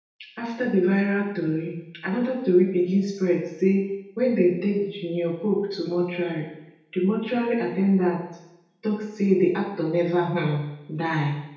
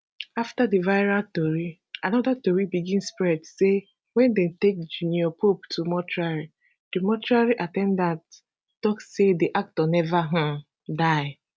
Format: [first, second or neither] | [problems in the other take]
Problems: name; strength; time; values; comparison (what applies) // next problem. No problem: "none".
second | room echo; dies away in 0.8 s